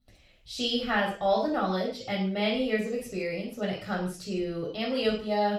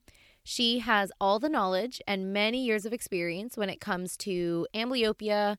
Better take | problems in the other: second | room echo; noticeable; dies away in 0.4 s // off-mic speech; far

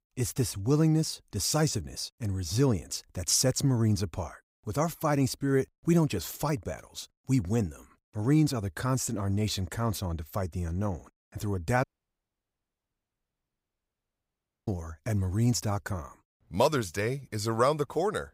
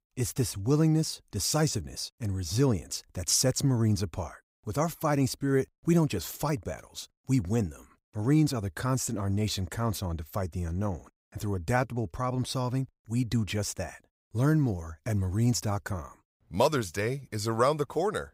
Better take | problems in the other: second | audio cutting out; at 12 s for 3 s

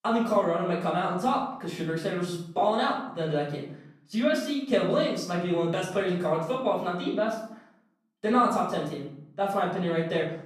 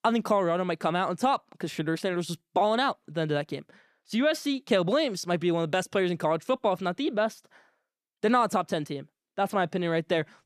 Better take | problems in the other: second | room echo; noticeable; dies away in 0.6 s // off-mic speech; far

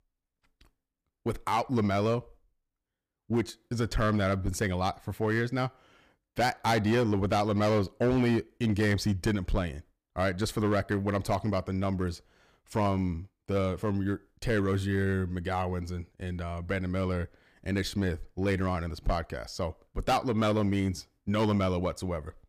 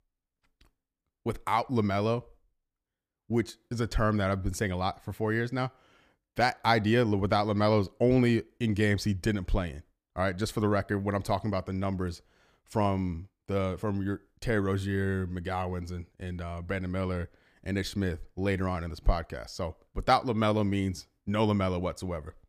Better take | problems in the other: second | distortion; slight; 5% of the sound clipped

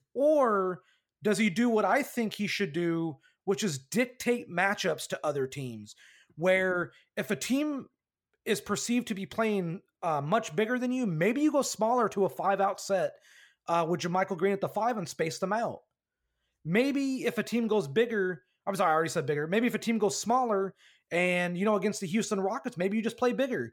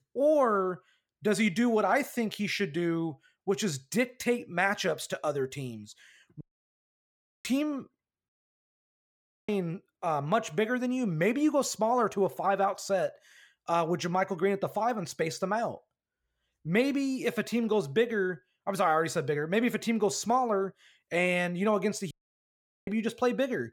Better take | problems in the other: first | audio cutting out; at 6.5 s for 1 s, at 8.5 s for 1 s and at 22 s for 1 s

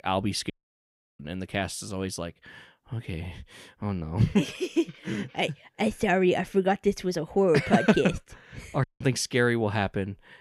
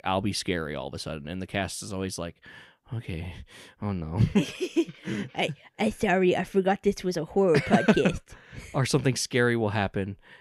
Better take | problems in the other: second | audio cutting out; at 0.5 s for 0.5 s and at 9 s

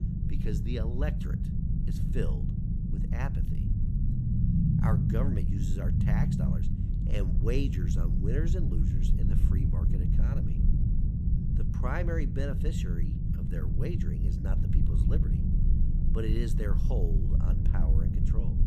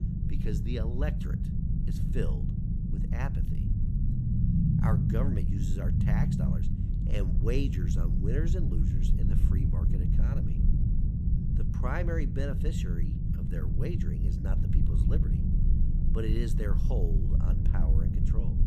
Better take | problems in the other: neither | low rumble; loud; throughout; as loud as the speech; the same in both

